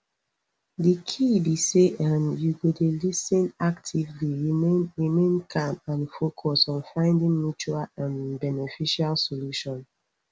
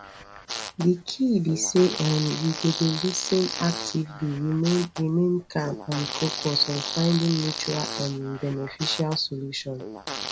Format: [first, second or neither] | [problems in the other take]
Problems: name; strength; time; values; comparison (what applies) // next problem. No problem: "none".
first | background sound (Fart); 9 dB below the speech